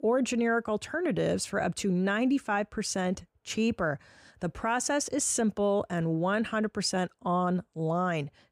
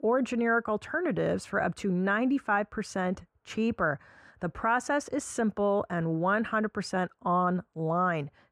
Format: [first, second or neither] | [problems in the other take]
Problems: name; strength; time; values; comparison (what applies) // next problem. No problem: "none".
first | muffled; slightly; fading above 3 kHz